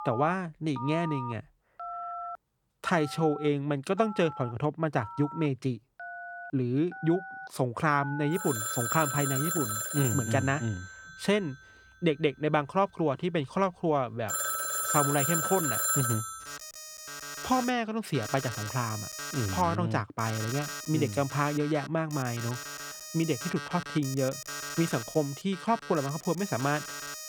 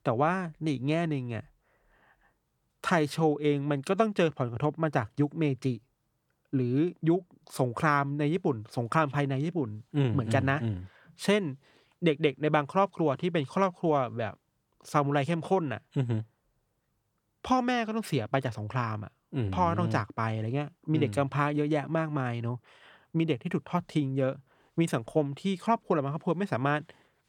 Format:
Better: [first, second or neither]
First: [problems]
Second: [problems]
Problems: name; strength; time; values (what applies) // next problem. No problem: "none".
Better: second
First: alarms or sirens; loud; throughout; 5 dB below the speech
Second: none